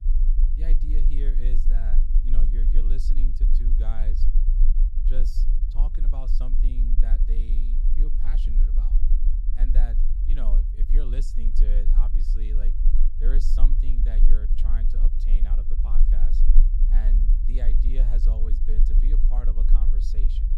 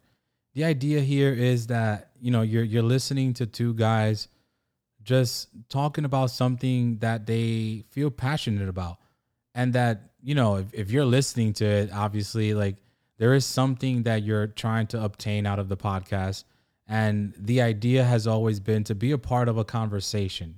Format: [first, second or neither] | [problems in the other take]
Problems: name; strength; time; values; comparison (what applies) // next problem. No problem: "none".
second | low rumble; loud; throughout; 3 dB below the speech